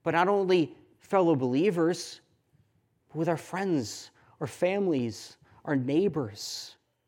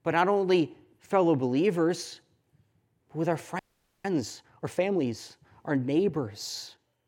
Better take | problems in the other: first | audio freezing; at 3.5 s

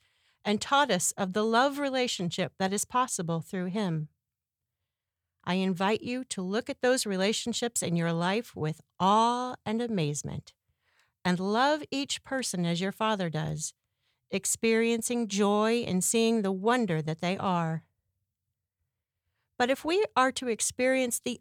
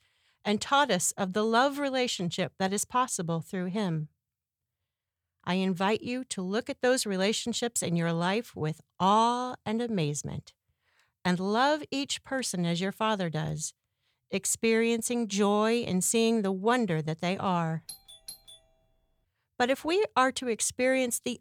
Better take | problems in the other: first | doorbell; faint; at 18 s; peak 15 dB below the speech

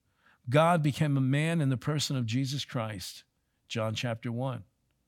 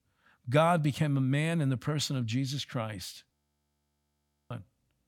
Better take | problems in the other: first | audio freezing; at 3.5 s for 1 s

